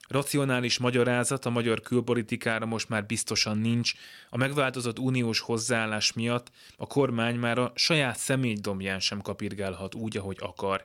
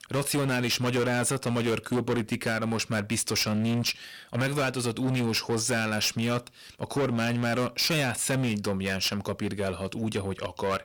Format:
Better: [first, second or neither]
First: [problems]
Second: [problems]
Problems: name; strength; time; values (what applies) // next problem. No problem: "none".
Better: first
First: none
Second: distortion; heavy; 18% of the sound clipped